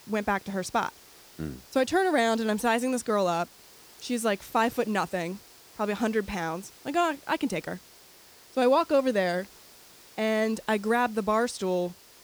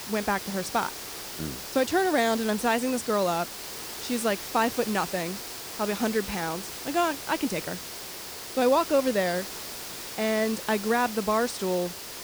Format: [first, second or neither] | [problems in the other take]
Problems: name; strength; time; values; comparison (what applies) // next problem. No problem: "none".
first | hiss; loud; throughout; 8 dB below the speech; faint in the first